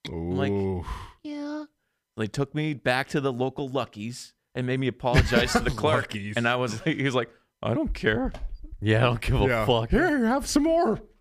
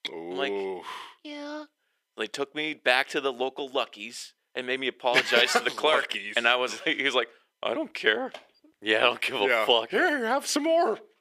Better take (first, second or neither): first